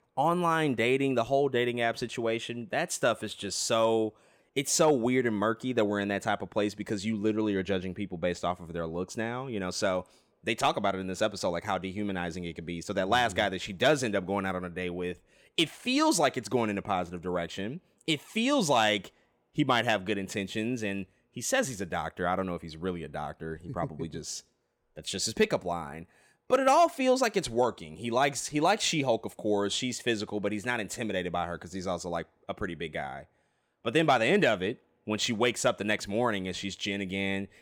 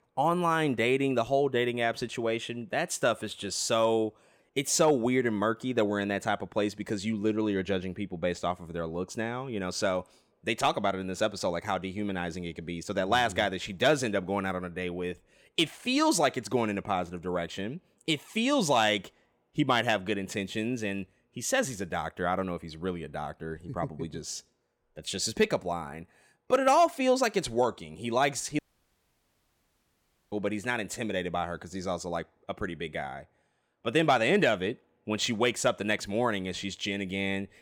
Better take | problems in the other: first | audio cutting out; at 29 s for 1.5 s

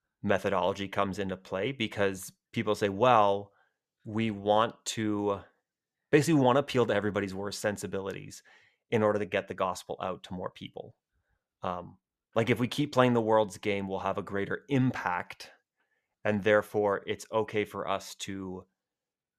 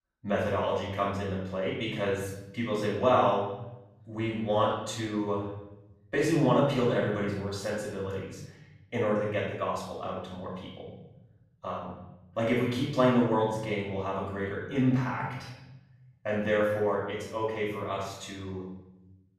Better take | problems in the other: first | off-mic speech; far // room echo; noticeable; dies away in 1.3 s

